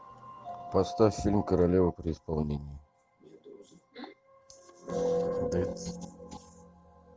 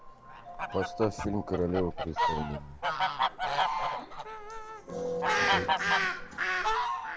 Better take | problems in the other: first | background sound (Fowl); 4 dB above the speech

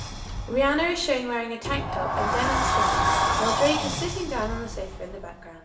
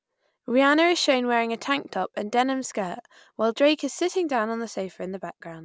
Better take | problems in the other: second | background sound (Sliding door); 1 dB above the speech // room echo; dies away in 0.7 s

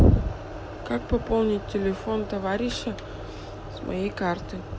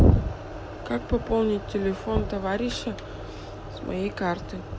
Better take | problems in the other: first | background sound (Knock); 11 dB below the speech

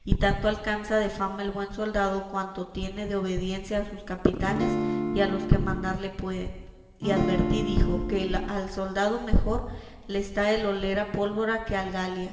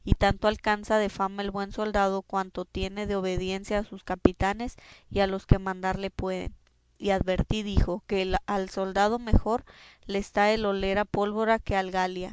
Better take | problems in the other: second | background sound (Acoustic guitar / Strum); 2 dB below the speech // room echo; dies away in 2.4 s

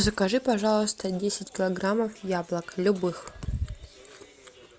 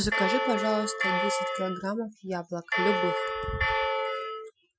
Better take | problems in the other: first | noise reduction (classical method Wiener filter)

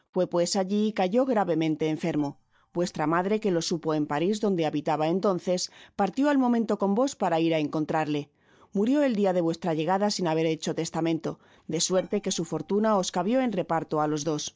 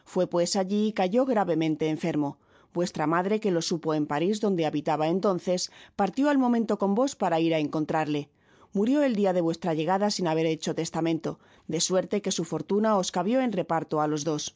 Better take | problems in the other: second | noise reduction (neural mask model DeepFilterNet 3)

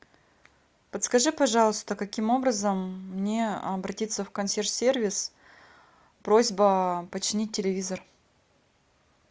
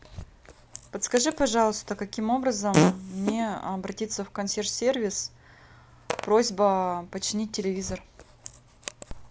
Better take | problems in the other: first | background sound (Fart); 6 dB below the speech

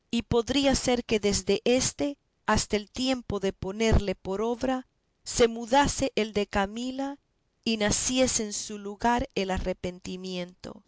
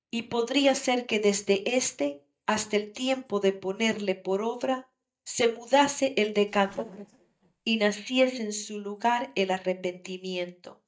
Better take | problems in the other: first | noise reduction (neural mask model DeepFilterNet 3)

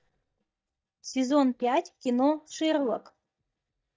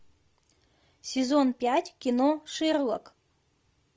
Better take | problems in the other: second | noise reduction (neural mask model DeepFilterNet 3)

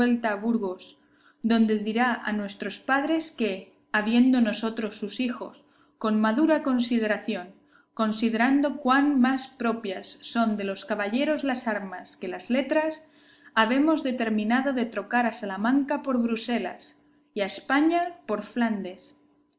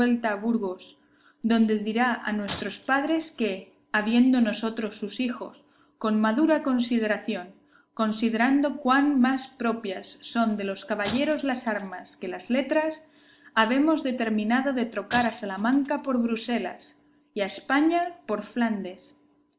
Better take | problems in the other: first | background sound (Shatter); 19 dB below the speech

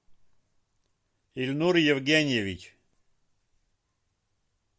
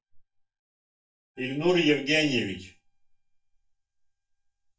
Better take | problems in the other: first | noise reduction (neural mask model DeepFilterNet 3)

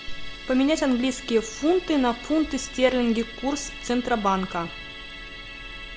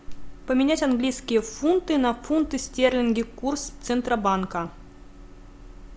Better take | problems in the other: second | background sound (Musical instrument); 15 dB below the speech

